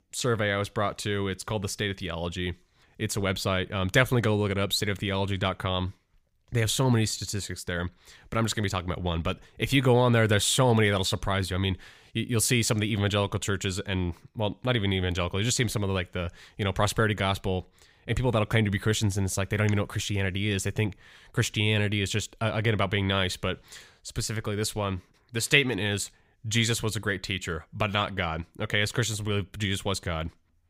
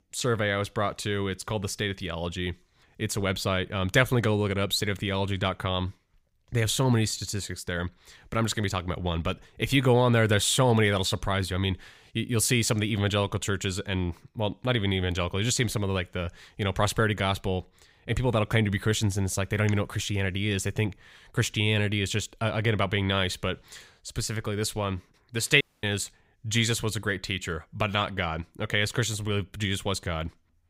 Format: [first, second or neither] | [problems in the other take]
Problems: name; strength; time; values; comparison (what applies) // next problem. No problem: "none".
first | audio cutting out; at 26 s